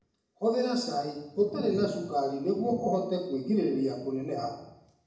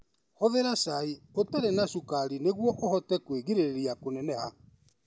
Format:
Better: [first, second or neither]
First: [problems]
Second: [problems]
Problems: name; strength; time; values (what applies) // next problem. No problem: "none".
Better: second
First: room echo; dies away in 0.8 s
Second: none